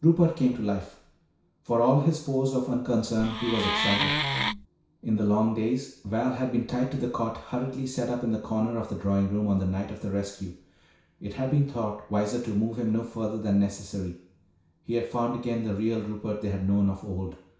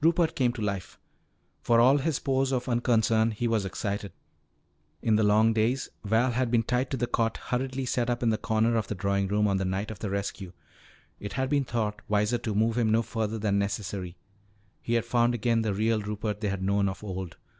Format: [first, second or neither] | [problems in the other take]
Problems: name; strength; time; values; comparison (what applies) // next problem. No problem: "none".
second | background sound (Wood); as loud as the speech // room echo; dies away in 0.6 s